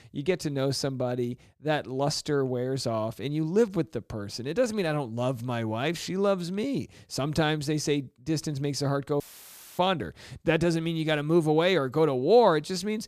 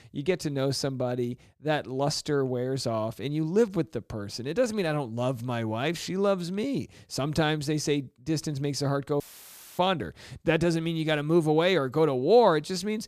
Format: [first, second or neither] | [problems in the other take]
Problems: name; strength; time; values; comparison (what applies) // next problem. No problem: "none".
neither | audio cutting out; filled with static; at 9 s for 0.5 s; the same in both